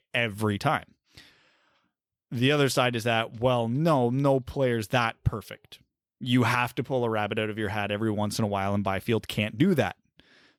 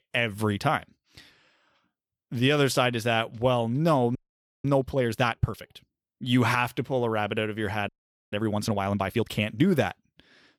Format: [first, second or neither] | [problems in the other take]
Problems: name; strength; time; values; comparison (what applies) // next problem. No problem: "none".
first | audio freezing; at 4 s and at 8 s